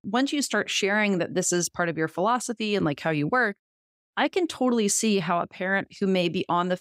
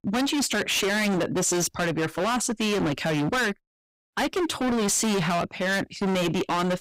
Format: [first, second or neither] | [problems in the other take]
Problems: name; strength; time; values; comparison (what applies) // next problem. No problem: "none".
first | distortion; heavy; 35% of the sound clipped